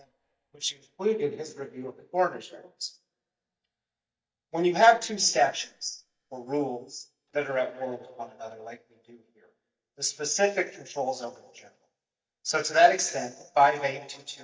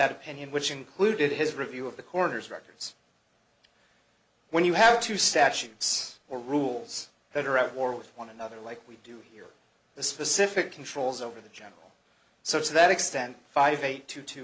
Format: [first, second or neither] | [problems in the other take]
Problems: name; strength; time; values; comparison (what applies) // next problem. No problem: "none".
second | noise reduction (neural mask model DeepFilterNet 3)